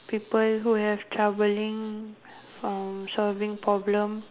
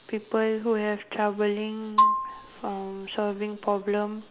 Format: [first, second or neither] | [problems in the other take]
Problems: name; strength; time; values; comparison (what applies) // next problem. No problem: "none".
first | background sound (Marimba, xylophone); 2 dB above the speech